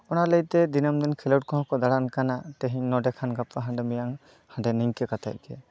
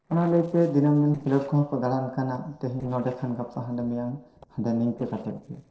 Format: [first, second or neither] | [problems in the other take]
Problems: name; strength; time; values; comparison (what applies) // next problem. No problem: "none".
first | noise reduction (neural separator model SepFormer DNS4)